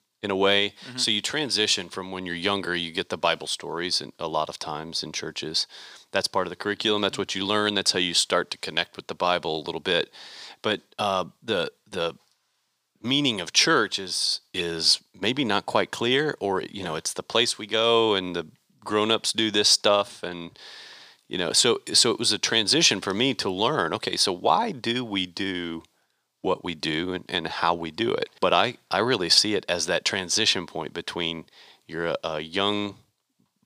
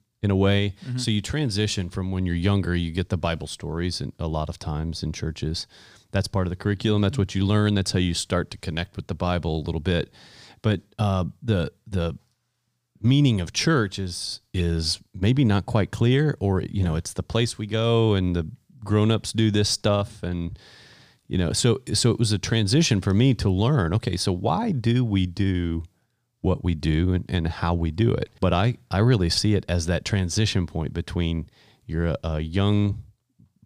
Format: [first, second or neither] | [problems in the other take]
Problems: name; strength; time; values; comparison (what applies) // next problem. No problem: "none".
second | thin; very; fading below 400 Hz